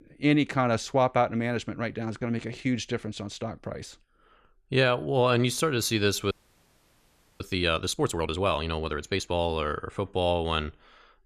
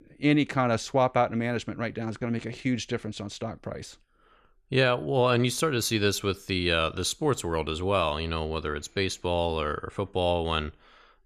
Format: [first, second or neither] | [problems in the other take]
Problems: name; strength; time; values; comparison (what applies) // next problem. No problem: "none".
second | audio freezing; at 6.5 s for 1 s